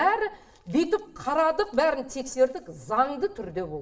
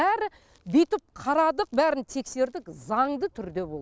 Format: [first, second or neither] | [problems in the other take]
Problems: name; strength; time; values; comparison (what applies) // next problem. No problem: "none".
second | room echo; dies away in 0.6 s